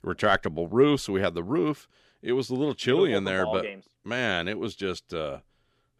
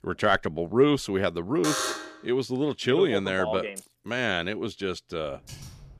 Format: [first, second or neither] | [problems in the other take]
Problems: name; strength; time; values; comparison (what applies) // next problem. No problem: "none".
first | alarm; noticeable; at 1.5 s; peak 1 dB below the speech // jangling keys; faint; at 4 s; peak 15 dB below the speech // keyboard typing; faint; at 5 s; peak 15 dB below the speech